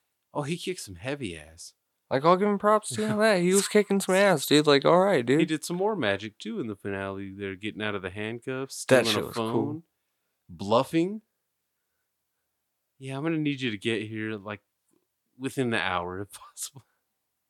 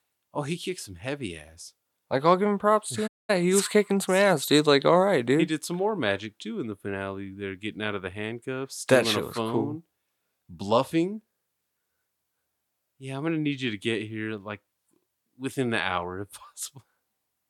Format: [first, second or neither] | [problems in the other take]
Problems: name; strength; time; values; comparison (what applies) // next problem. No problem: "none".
first | audio cutting out; at 3 s